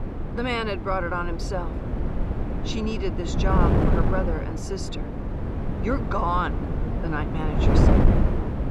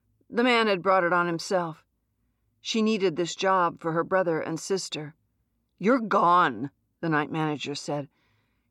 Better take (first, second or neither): second